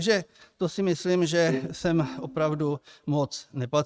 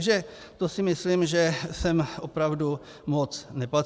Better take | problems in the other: second | noise reduction (neural mask model RNNoise)

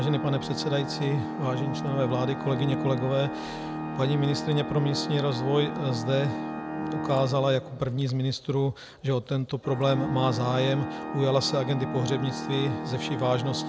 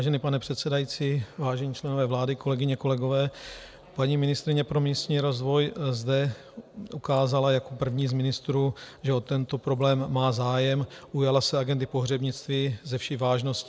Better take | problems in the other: second | background sound (Organ); 6 dB below the speech

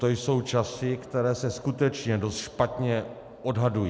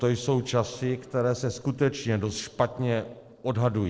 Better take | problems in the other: first | noise reduction (neural separator model SepFormer DNS4)

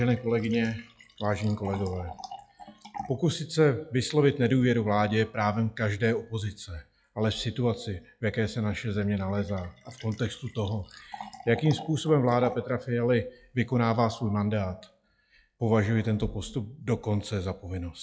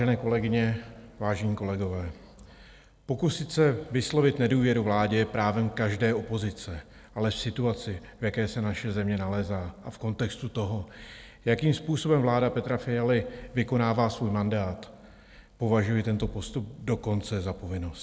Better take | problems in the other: second | noise reduction (classical method log-MMSE)

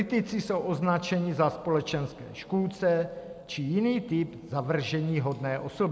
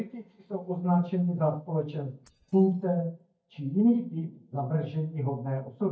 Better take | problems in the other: first | noise reduction (neural mask model DeepFilterNet 3)

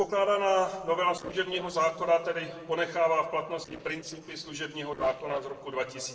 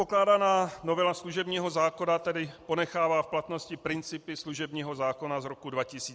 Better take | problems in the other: second | noise reduction (neural separator model SepFormer DNS4)

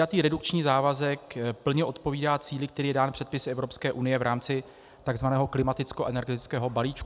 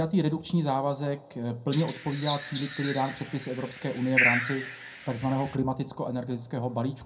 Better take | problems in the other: first | background sound (Bird); 3 dB below the speech // room echo; dies away in 0.2 s

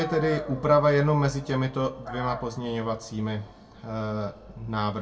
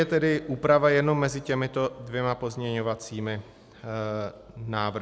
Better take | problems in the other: second | background sound (Dog); 16 dB below the speech // room echo; dies away in 0.2 s

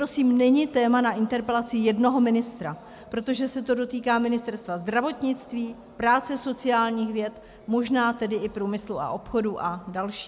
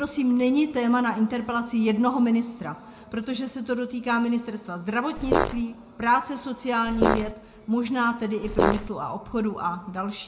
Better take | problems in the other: first | background sound (Fart); 1 dB above the speech // room echo; dies away in 1.1 s

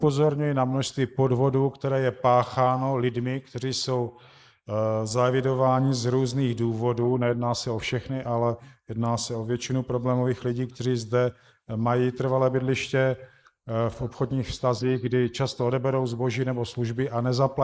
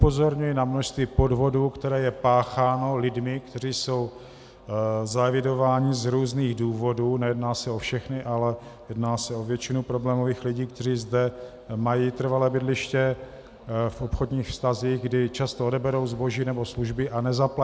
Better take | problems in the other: second | noise reduction (neural mask model Resemble Enhance denoiser)

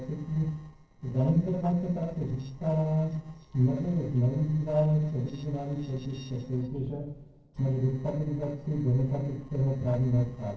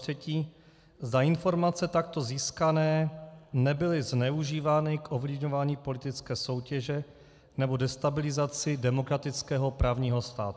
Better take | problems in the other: second | noise reduction (neural separator model SepFormer DNS4)

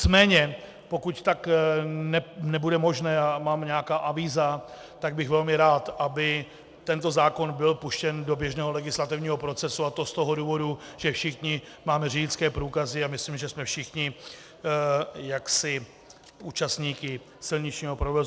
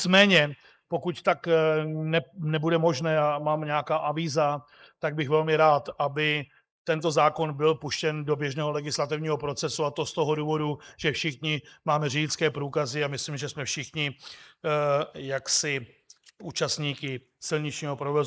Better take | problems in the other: first | noise reduction (neural mask model Resemble Enhance denoiser)

